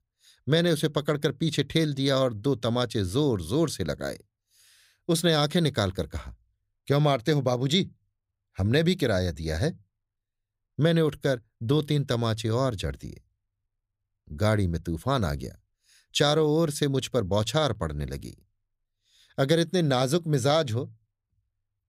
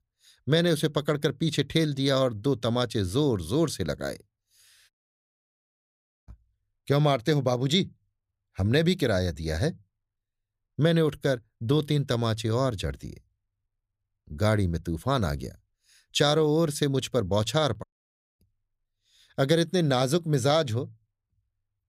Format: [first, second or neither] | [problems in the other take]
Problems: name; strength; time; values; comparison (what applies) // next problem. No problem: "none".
first | audio cutting out; at 5 s for 1.5 s and at 18 s for 0.5 s